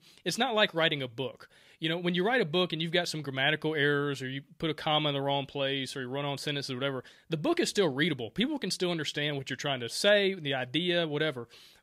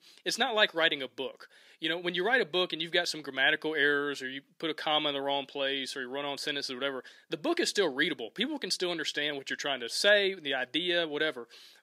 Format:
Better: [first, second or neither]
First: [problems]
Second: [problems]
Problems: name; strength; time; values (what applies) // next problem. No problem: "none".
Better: first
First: none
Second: thin; somewhat; fading below 250 Hz